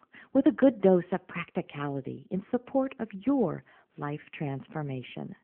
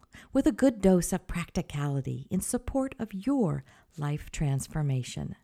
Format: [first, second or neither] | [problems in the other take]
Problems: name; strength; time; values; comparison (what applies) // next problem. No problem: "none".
second | phone-call audio